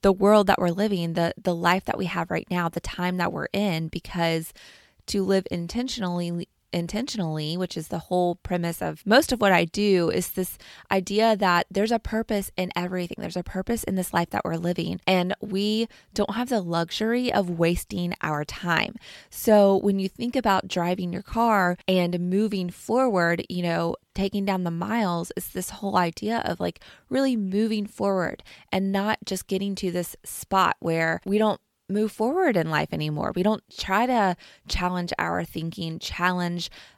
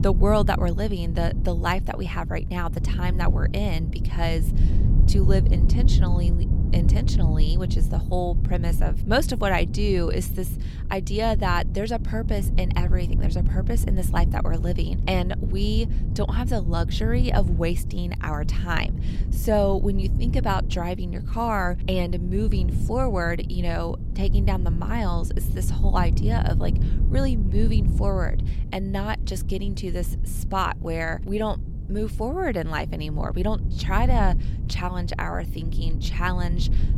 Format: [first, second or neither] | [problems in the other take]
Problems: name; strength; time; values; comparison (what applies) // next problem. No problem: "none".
first | low rumble; noticeable; throughout; 10 dB below the speech